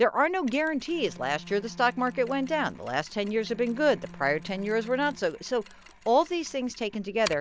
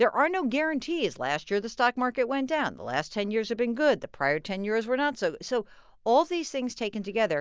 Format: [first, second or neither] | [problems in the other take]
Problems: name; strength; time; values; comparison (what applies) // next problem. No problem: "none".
second | background sound (Mechanisms + Bowed string instrument); 18 dB below the speech